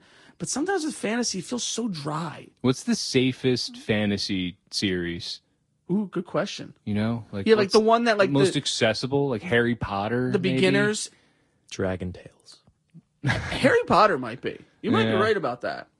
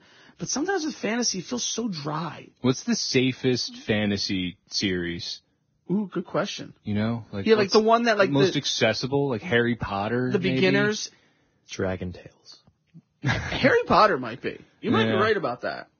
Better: first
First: garbled, watery; slightly; nothing above 10.5 kHz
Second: garbled, watery; badly; nothing above 6.5 kHz

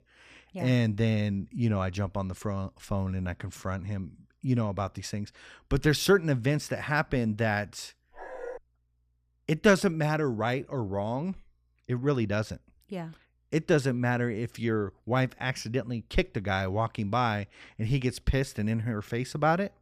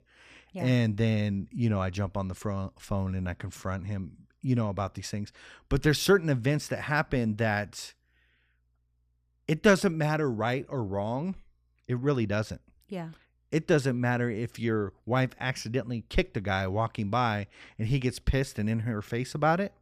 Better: second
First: dog barking; faint; at 8 s; peak 10 dB below the speech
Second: none

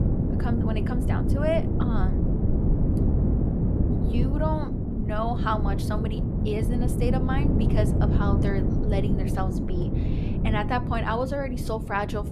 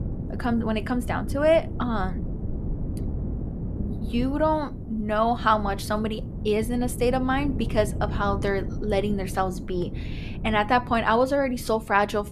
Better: second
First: wind noise on the microphone; heavy; 4 dB below the speech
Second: wind noise on the microphone; occasional gusts; 15 dB below the speech

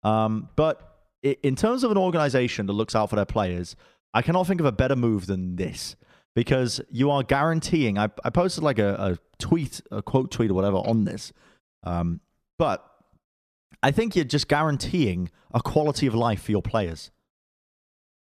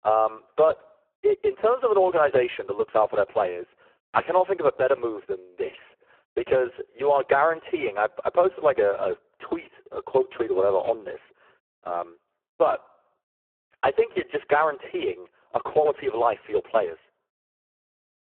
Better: first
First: none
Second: phone-call audio; poor line

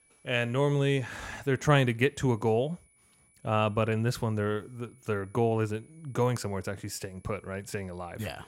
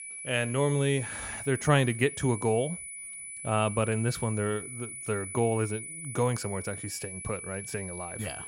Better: first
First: high-pitched whine; faint; throughout; 10 kHz, 30 dB below the speech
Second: high-pitched whine; loud; throughout; 10 kHz, 8 dB below the speech

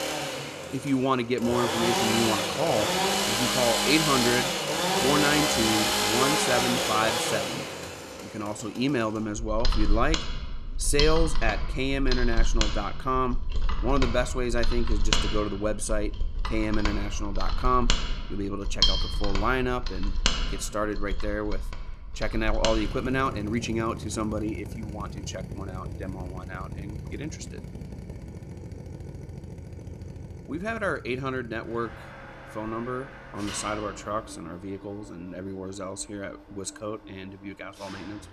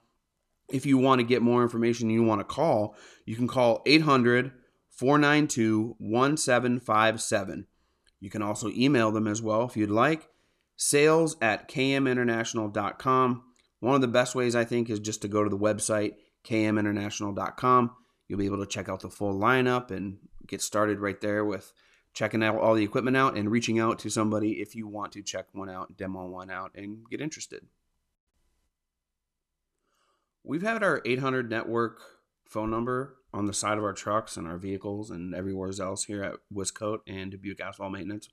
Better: second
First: machinery noise; very loud; throughout; 1 dB above the speech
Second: none

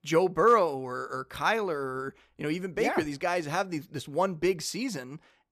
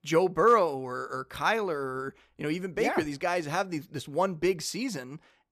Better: neither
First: none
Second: none

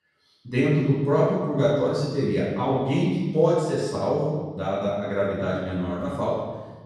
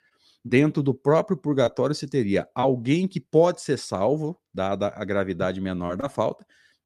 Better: second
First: off-mic speech; far // room echo; strong; dies away in 1.3 s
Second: none

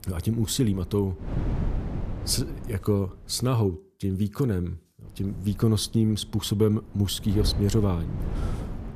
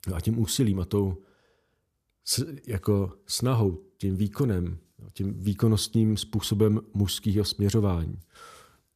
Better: second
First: wind noise on the microphone; occasional gusts; until 3.5 s and from 5 s on; 10 dB below the speech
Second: none

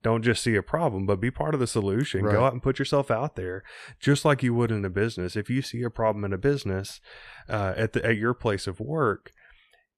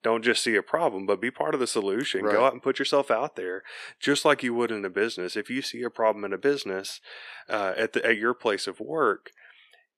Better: first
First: none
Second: thin; somewhat; fading below 300 Hz

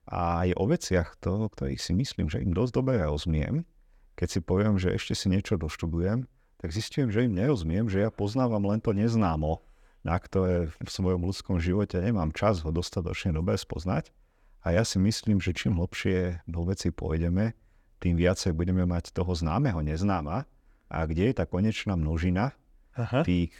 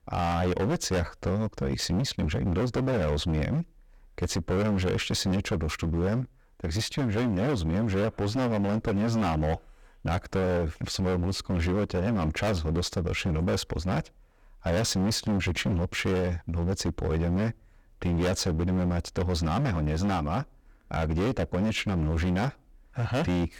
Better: first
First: none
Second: distortion; heavy; 25% of the sound clipped

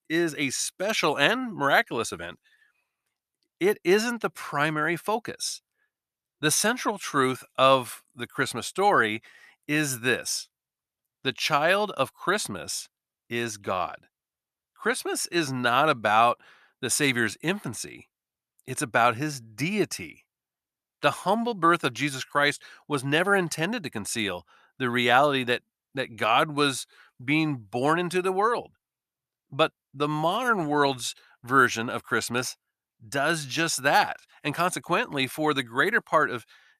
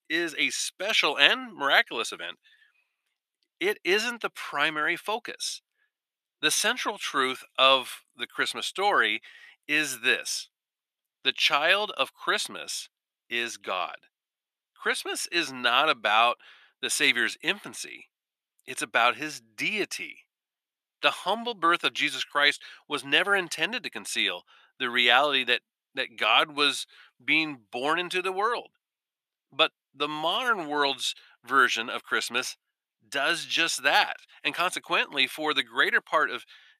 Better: first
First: none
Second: thin; somewhat; fading below 300 Hz

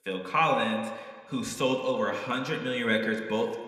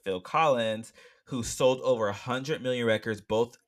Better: second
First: room echo; slight; dies away in 1.5 s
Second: none

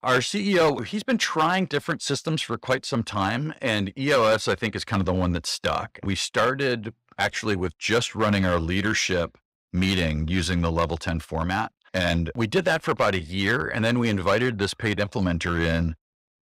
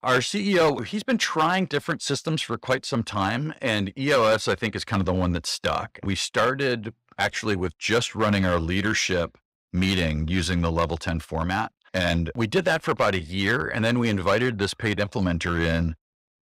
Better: neither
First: distortion; slight; 4% of the sound clipped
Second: distortion; slight; 4% of the sound clipped

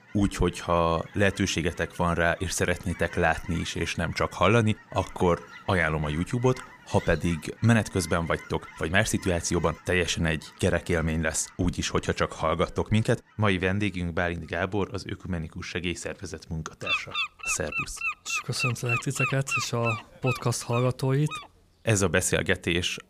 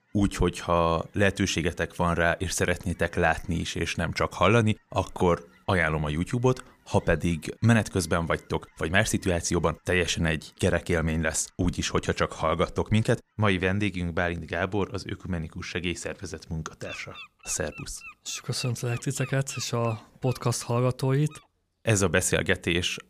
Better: second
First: animal sounds; loud; throughout; 7 dB below the speech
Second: animal sounds; faint; throughout; 20 dB below the speech

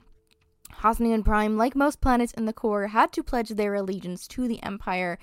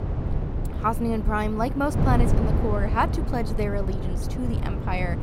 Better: first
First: none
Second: wind noise on the microphone; heavy; 8 dB below the speech

